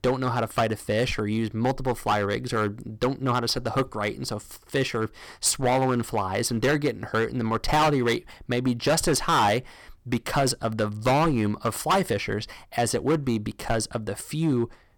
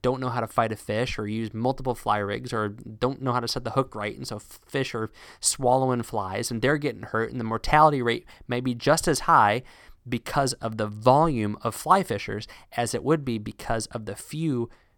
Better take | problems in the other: second | distortion; heavy; 7% of the sound clipped

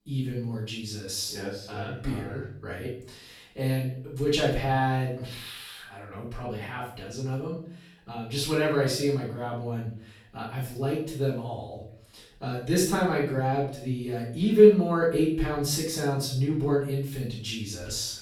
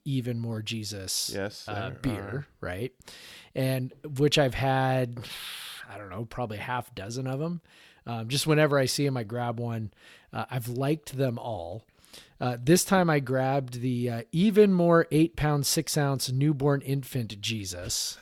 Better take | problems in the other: second | room echo; noticeable; dies away in 0.5 s // off-mic speech; far

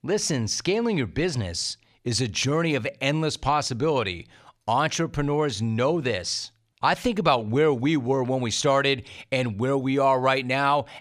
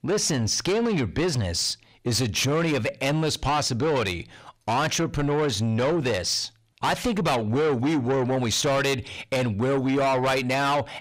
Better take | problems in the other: first | distortion; heavy; 8 dB below the speech

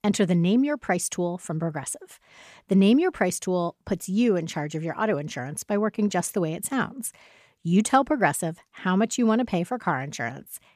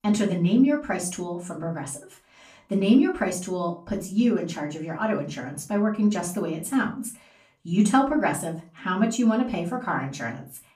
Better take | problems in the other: first | off-mic speech; far // room echo; very slight; dies away in 0.3 s

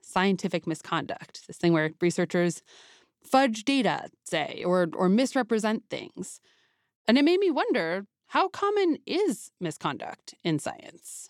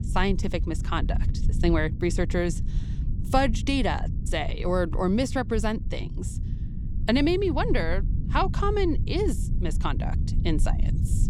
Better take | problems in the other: first | low rumble; noticeable; throughout; 15 dB below the speech

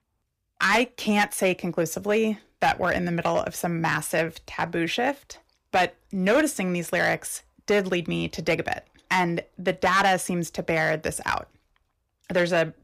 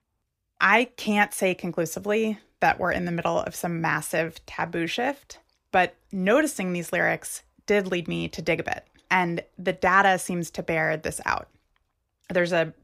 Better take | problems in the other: second | distortion; slight; 3% of the sound clipped

